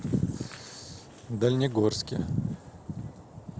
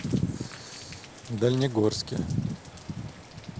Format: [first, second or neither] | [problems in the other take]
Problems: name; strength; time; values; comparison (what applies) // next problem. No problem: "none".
first | background sound (Rain); 20 dB below the speech